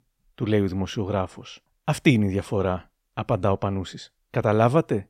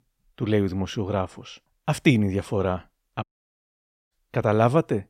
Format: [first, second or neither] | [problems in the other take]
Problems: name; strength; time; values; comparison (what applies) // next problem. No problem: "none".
first | audio cutting out; at 3 s for 1 s